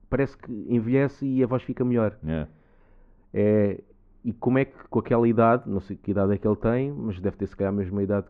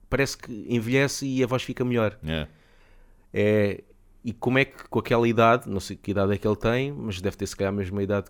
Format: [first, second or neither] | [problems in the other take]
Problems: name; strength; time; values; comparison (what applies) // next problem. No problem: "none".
second | muffled; very; fading above 1.5 kHz